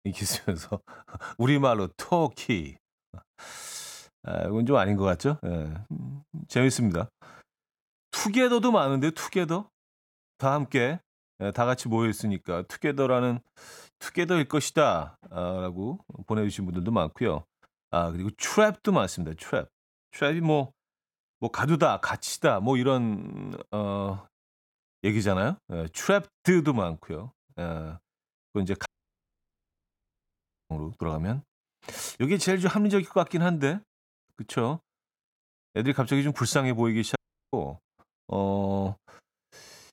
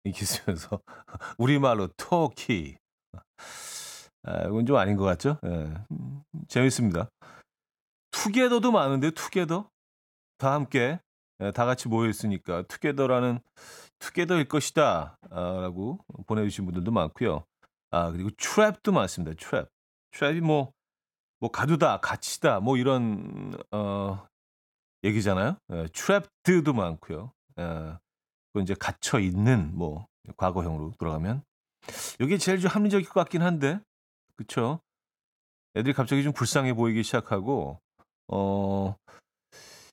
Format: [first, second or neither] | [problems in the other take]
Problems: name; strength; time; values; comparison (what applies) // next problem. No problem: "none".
second | audio cutting out; at 29 s for 2 s and at 37 s